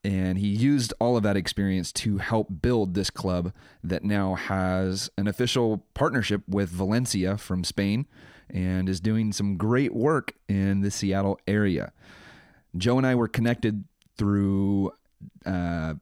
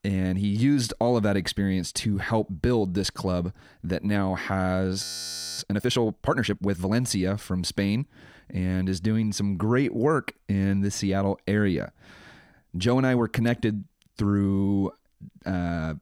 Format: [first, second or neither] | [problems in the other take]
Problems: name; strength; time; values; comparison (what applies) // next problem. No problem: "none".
first | audio freezing; at 5 s for 0.5 s